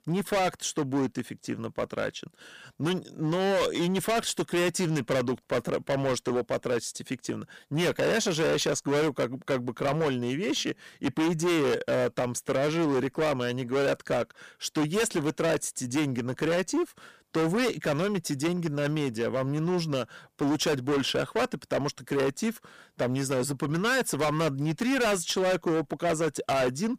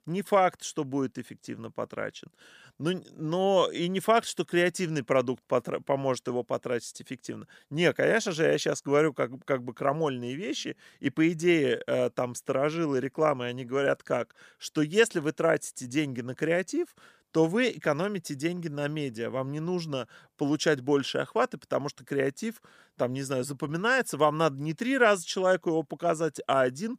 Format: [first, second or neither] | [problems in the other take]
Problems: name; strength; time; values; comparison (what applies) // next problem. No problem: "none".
second | distortion; heavy; 19% of the sound clipped